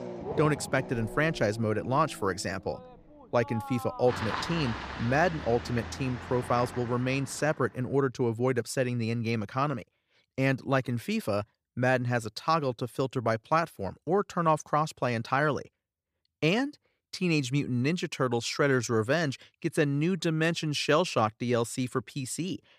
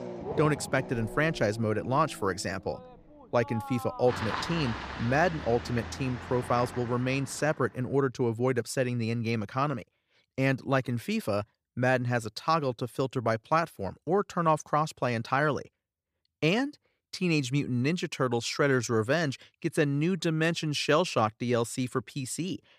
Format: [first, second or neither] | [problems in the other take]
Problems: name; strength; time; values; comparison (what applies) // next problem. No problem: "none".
neither | traffic noise; noticeable; until 7.5 s; 10 dB below the speech; the same in both